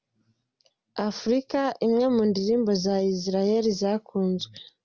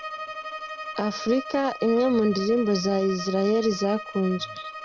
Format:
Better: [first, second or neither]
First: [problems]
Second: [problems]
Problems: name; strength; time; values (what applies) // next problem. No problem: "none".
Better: first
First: none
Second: background sound (Bowed string instrument); 11 dB below the speech